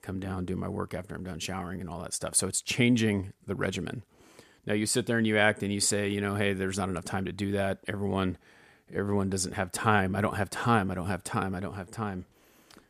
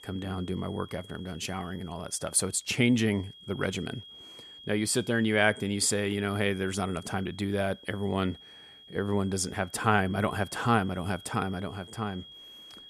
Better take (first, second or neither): first